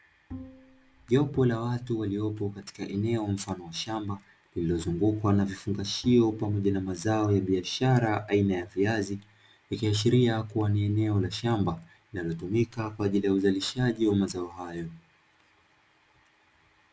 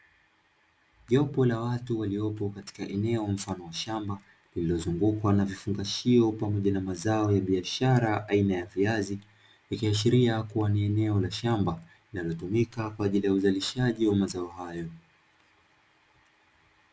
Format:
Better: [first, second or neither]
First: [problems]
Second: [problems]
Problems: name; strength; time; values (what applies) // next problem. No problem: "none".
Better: second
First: background sound (Bowed string instrument); 17 dB below the speech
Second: none